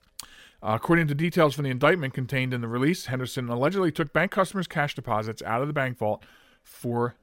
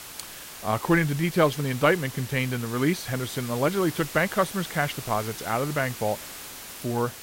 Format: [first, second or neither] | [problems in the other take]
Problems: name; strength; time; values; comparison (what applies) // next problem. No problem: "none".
first | hiss; noticeable; throughout; 10 dB below the speech